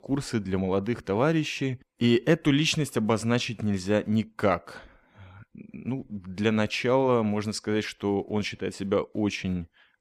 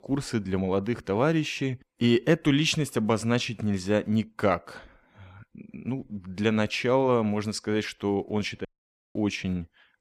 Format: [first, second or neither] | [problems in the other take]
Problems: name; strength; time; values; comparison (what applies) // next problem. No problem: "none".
first | audio cutting out; at 8.5 s for 0.5 s